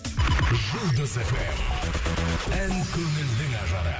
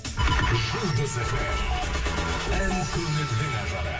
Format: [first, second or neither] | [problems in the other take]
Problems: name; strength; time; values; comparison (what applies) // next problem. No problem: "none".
first | background sound (Wind instrument, woodwind instrument); 13 dB below the speech // room echo; dies away in 0.9 s